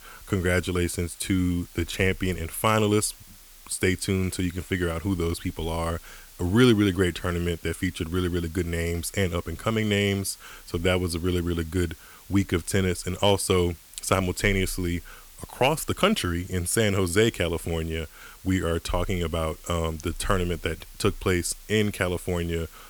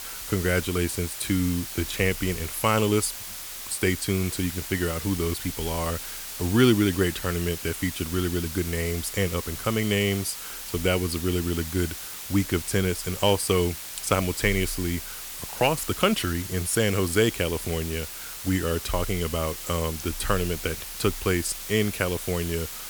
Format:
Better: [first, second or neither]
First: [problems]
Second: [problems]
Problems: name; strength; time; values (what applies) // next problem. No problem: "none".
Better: first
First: hiss; faint; throughout; 20 dB below the speech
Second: hiss; loud; throughout; 8 dB below the speech